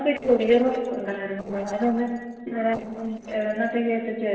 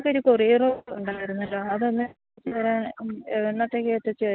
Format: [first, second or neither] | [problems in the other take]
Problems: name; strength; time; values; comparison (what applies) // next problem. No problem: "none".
second | noise reduction (neural separator model SepFormer DNS4)